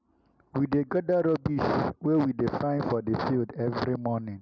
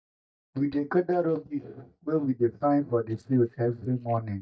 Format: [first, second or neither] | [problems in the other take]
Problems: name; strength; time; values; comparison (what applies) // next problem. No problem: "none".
first | noise reduction (neural mask model DeepFilterNet 3)